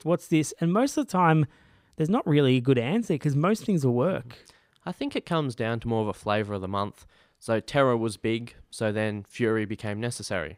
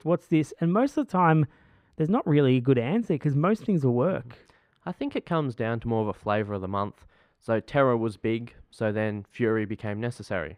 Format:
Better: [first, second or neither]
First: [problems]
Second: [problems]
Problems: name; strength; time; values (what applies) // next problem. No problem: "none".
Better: first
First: none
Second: muffled; slightly; fading above 3.5 kHz